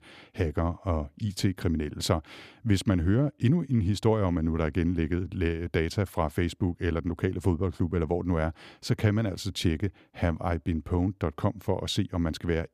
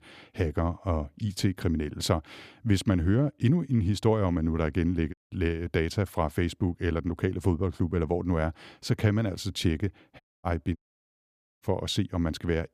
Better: first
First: none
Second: audio cutting out; at 5 s, at 10 s and at 11 s for 1 s

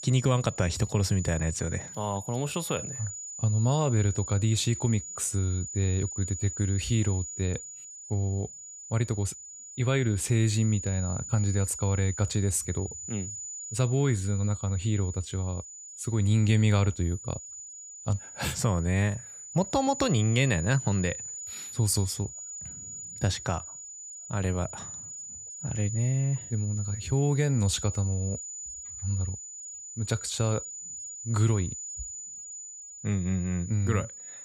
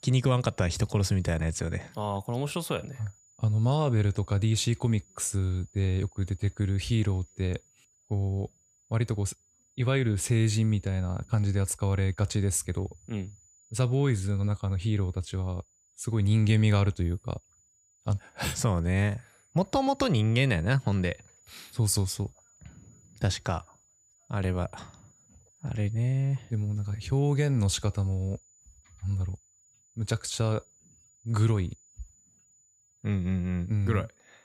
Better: second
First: high-pitched whine; loud; throughout; 7 kHz, 9 dB below the speech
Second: high-pitched whine; faint; throughout; 7 kHz, 30 dB below the speech

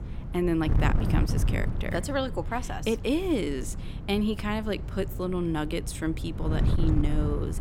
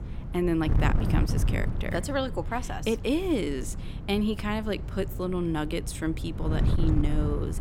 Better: neither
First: wind noise on the microphone; occasional gusts; 10 dB below the speech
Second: wind noise on the microphone; occasional gusts; 10 dB below the speech

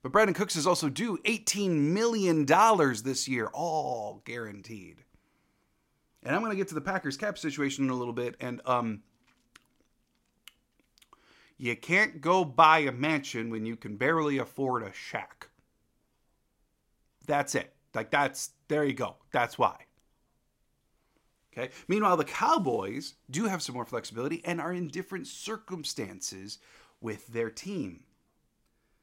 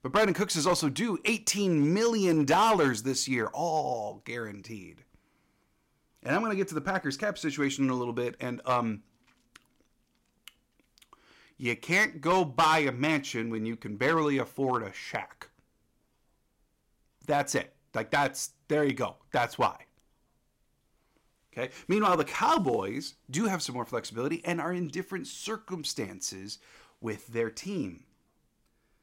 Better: first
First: none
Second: distortion; slight; 1.8% of the sound clipped

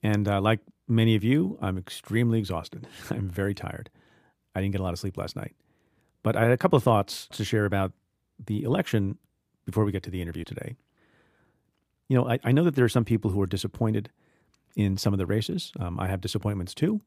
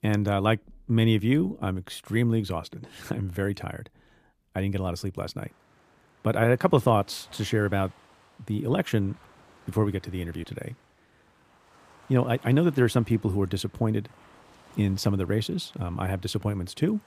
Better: first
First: none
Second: rain or running water; faint; throughout; 30 dB below the speech

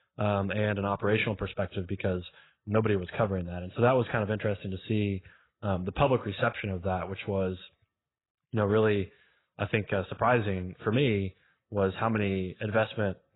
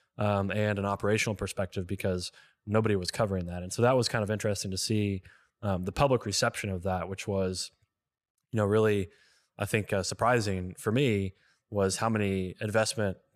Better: second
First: garbled, watery; badly; nothing above 4 kHz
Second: none

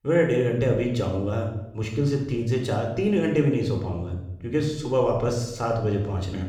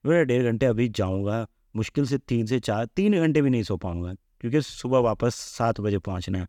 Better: second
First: room echo; noticeable; dies away in 0.7 s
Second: none

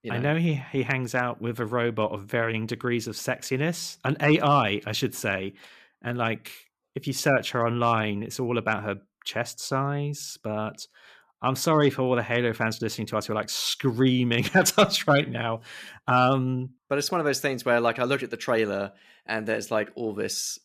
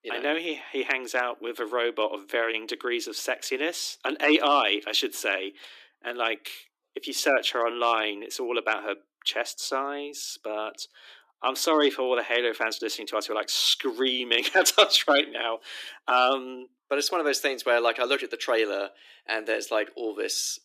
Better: first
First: none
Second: thin; somewhat; fading below 300 Hz

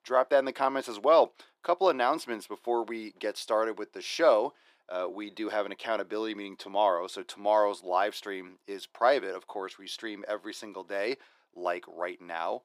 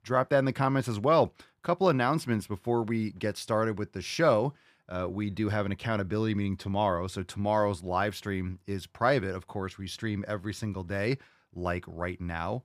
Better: second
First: thin; very; fading below 350 Hz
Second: none

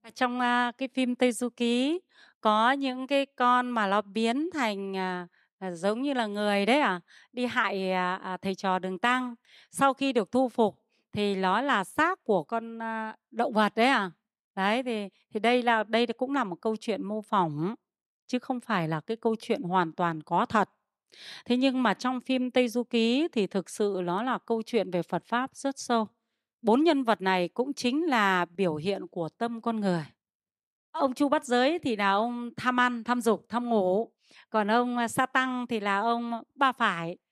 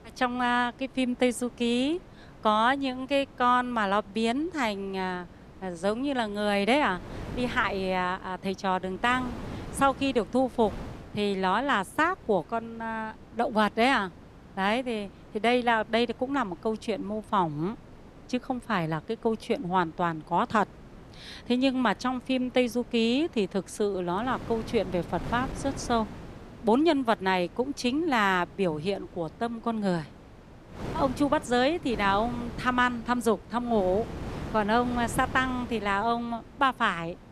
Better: first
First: none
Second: wind noise on the microphone; occasional gusts; 20 dB below the speech

